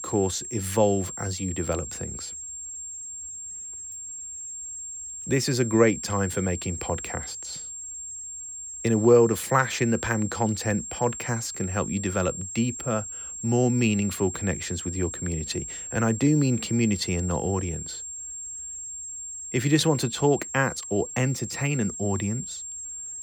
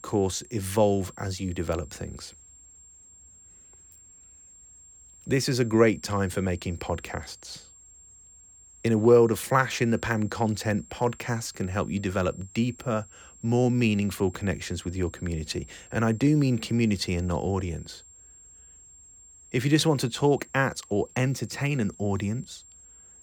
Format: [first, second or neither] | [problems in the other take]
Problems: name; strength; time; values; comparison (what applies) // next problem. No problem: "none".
second | high-pitched whine; loud; throughout; 7.5 kHz, 8 dB below the speech; faint in the second